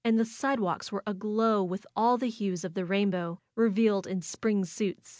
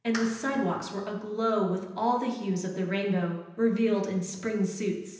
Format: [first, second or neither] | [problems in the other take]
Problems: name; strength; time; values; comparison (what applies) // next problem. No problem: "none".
first | background sound (Clapping); 15 dB below the speech // room echo; dies away in 0.9 s